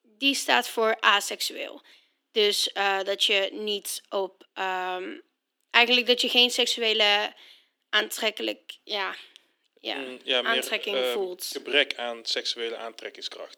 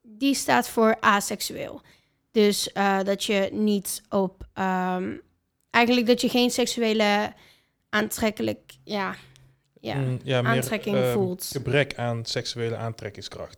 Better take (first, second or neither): second